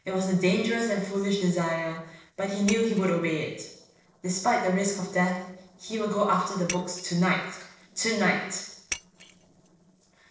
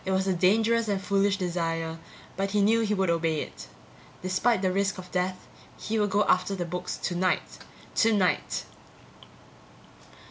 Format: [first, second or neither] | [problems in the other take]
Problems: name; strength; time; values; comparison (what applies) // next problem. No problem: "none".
second | noise reduction (neural separator model SepFormer DNS4)